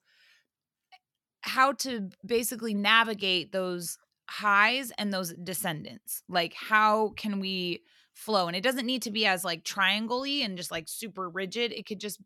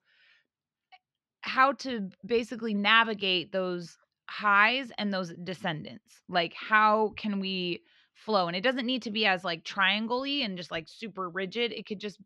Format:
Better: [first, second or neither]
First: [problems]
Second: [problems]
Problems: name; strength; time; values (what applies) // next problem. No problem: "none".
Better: first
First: none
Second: muffled; very slightly; fading above 4 kHz